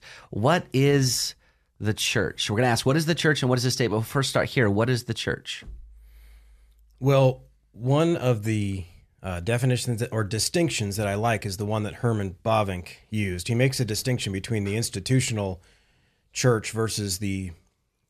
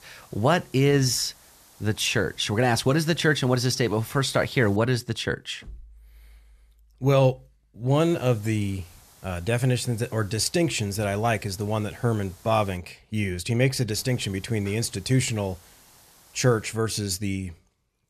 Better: first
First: none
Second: hiss; faint; until 5 s, from 8 to 13 s and from 14 to 17 s; 25 dB below the speech

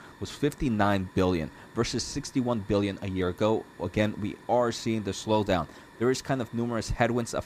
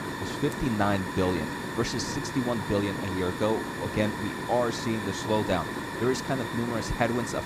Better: first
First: hiss; faint; throughout; 20 dB below the speech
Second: hiss; loud; throughout; 4 dB below the speech

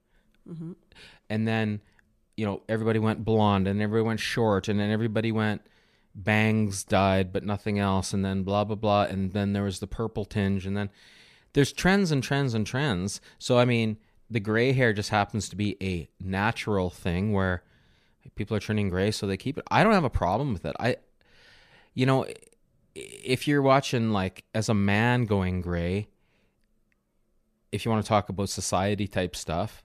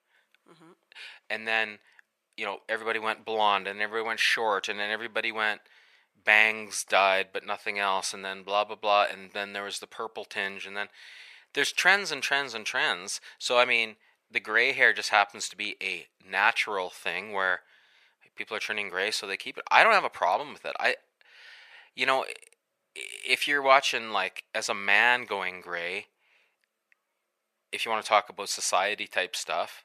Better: first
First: none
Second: thin; very; fading below 750 Hz

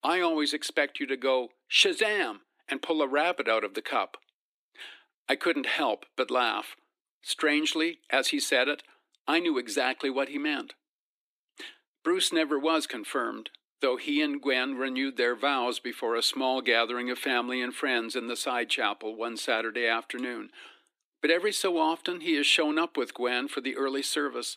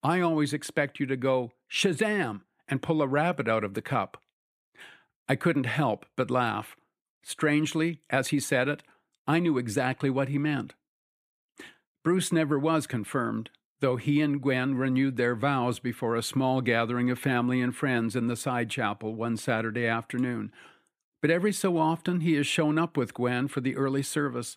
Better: second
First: thin; somewhat; fading below 300 Hz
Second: none

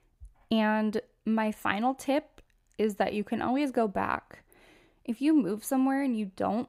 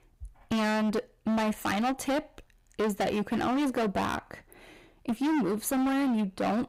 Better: first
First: none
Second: distortion; heavy; 24% of the sound clipped

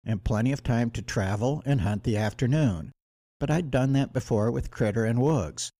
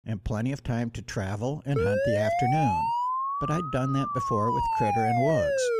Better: first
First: none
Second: siren; loud; from 2 s on; peak 4 dB above the speech

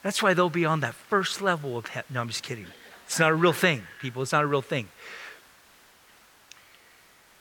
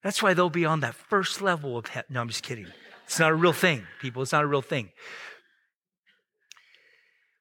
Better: second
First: hiss; faint; throughout; 30 dB below the speech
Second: none

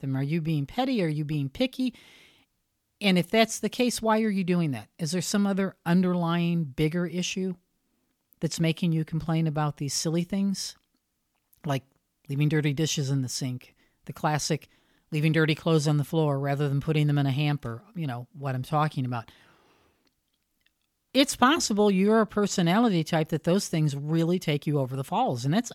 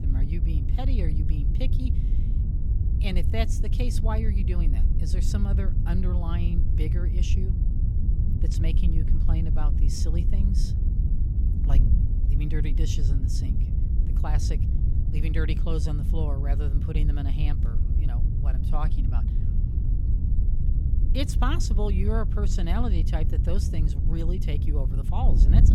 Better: first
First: none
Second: wind noise on the microphone; heavy; 5 dB below the speech

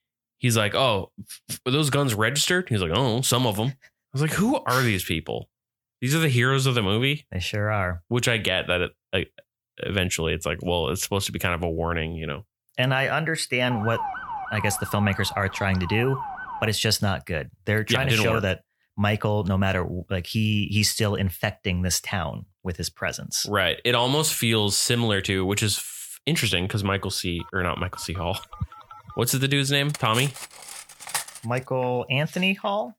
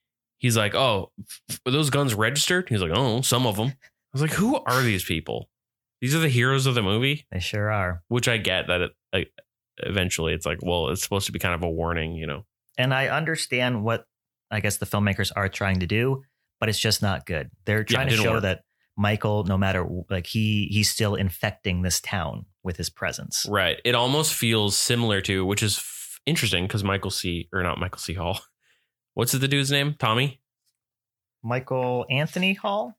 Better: second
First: siren; noticeable; from 14 to 17 s; peak 7 dB below the speech // phone ringing; faint; from 27 to 29 s; peak 10 dB below the speech // clattering dishes; noticeable; from 30 to 32 s; peak 5 dB below the speech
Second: none

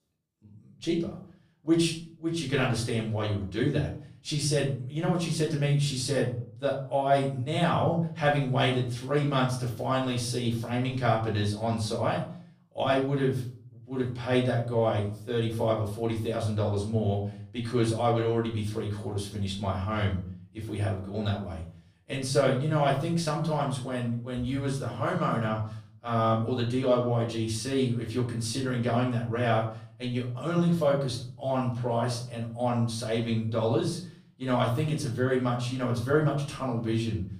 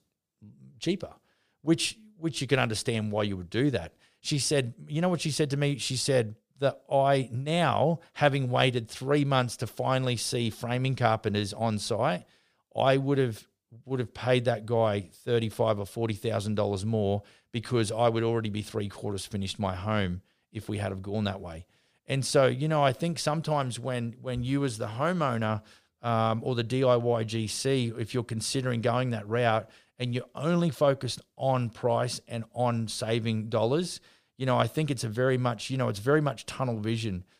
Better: second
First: off-mic speech; far // room echo; slight; dies away in 0.5 s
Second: none

